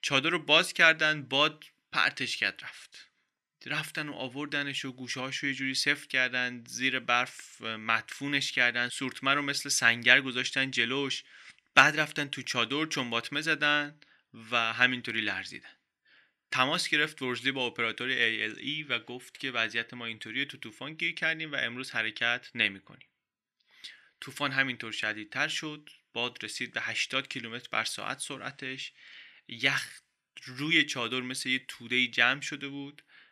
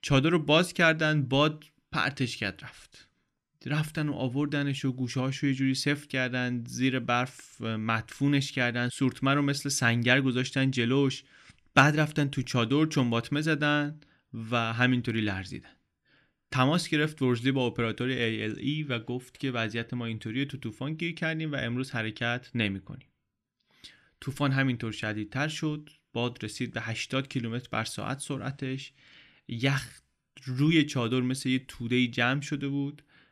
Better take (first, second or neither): second